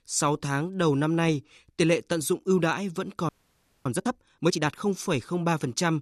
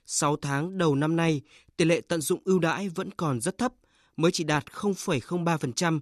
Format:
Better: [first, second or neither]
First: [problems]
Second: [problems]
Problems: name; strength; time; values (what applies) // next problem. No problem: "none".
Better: second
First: audio freezing; at 3.5 s for 0.5 s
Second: none